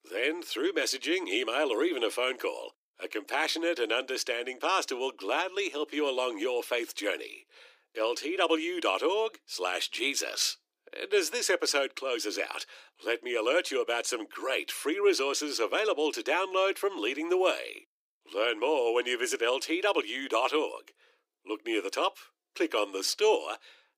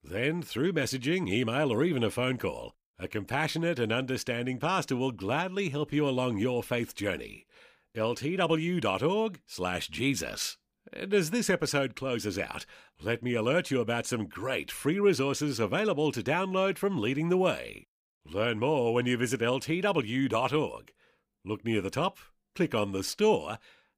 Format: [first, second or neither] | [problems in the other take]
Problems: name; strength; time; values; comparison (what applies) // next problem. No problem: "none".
second | thin; very; fading below 300 Hz